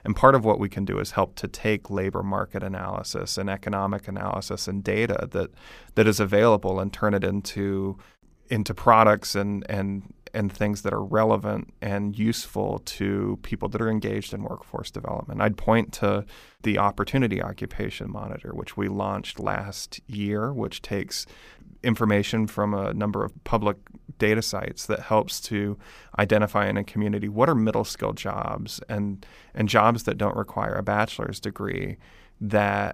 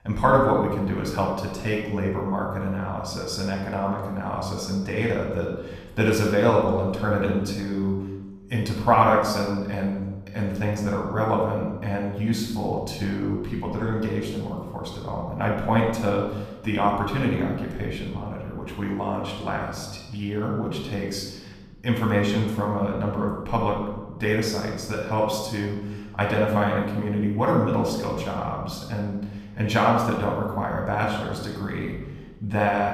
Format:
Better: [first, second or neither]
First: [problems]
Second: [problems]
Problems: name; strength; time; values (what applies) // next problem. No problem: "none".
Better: first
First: none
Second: off-mic speech; far // room echo; noticeable; dies away in 1 s